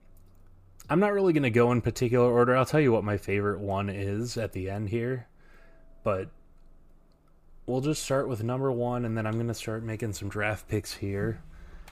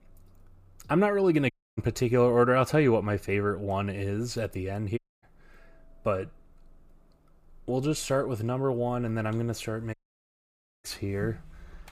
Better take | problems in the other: first | audio cutting out; at 1.5 s, at 5 s and at 10 s for 1 s

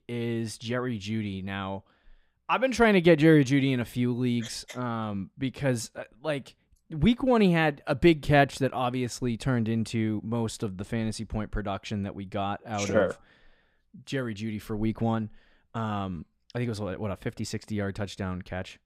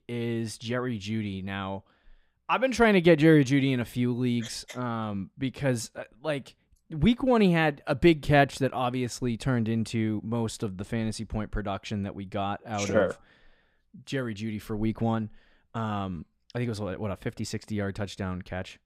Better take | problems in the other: neither | none

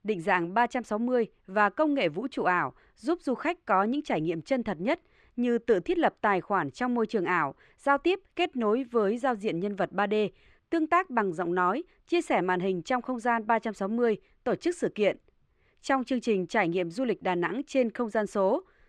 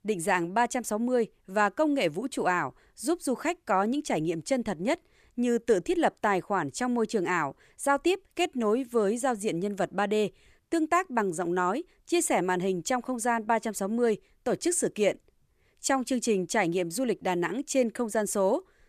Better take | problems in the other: second | muffled; slightly; fading above 3 kHz

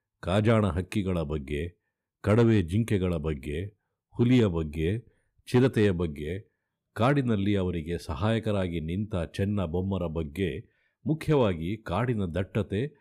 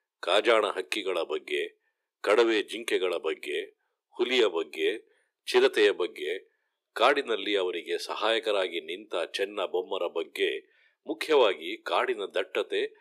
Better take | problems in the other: first | thin; very; fading below 350 Hz

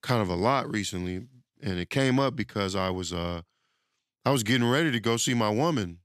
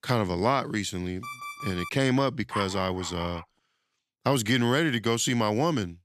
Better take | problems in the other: first | alarm; faint; at 1 s; peak 10 dB below the speech // dog barking; noticeable; at 2.5 s; peak 8 dB below the speech

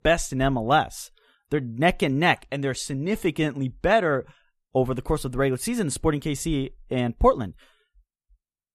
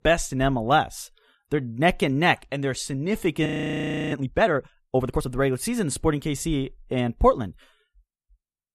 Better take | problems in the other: first | audio freezing; at 3.5 s for 0.5 s

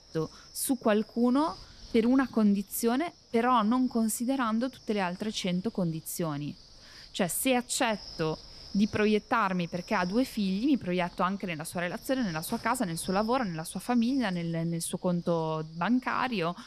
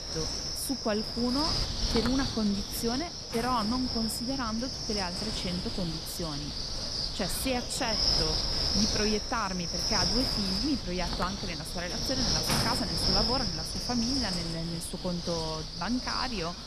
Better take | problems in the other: first | wind noise on the microphone; heavy; 4 dB above the speech; occasional gusts in the first

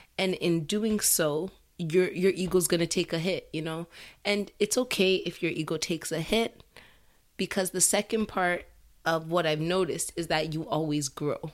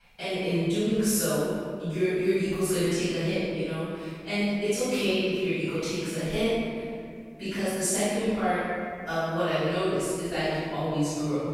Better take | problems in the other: first | off-mic speech; far // room echo; strong; dies away in 2.1 s

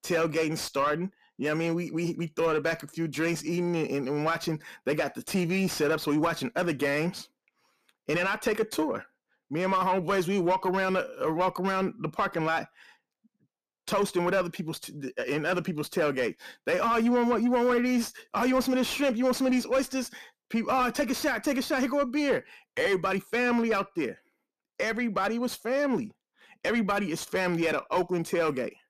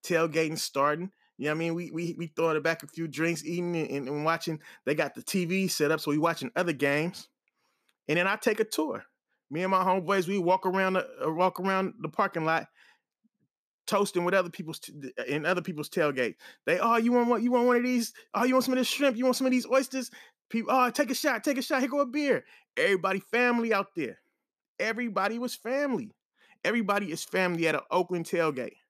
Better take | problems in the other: second | distortion; slight; 10 dB below the speech

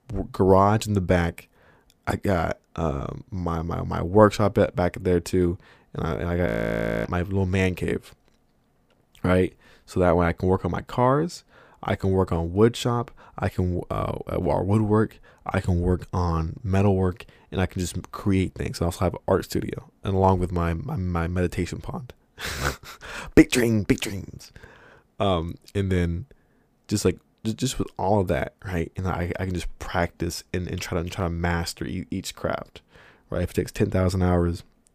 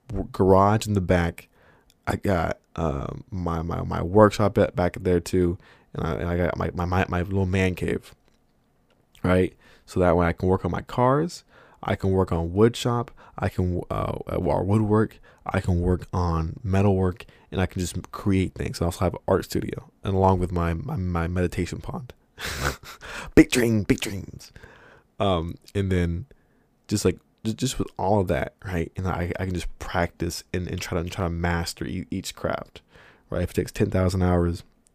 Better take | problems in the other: second | audio freezing; at 6.5 s for 0.5 s

